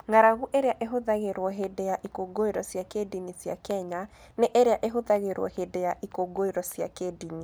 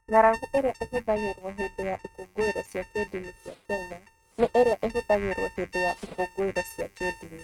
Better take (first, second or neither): first